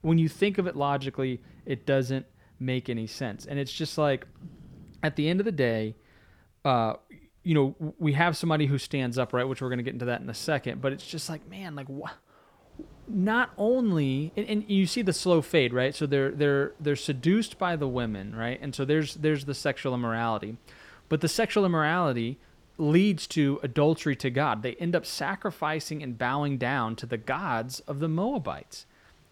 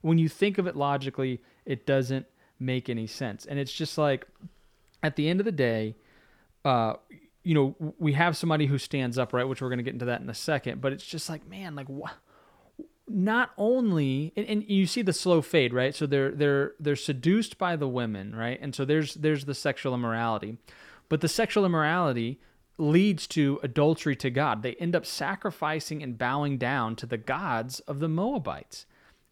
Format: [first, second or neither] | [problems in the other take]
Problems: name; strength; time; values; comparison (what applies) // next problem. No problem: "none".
second | rain or running water; faint; throughout; 30 dB below the speech